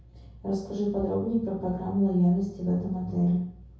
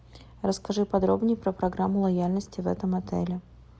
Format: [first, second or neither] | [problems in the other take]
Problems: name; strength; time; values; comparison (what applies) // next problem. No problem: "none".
second | room echo; dies away in 0.6 s